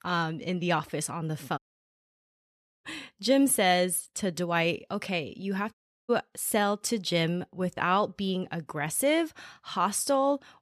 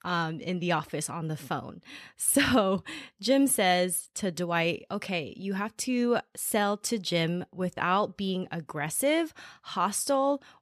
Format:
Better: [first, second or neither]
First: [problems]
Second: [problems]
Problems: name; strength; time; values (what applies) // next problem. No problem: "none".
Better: second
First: audio cutting out; at 1.5 s for 1.5 s and at 5.5 s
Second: none